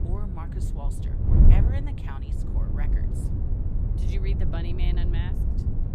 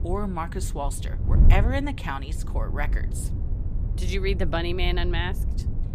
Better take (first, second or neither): second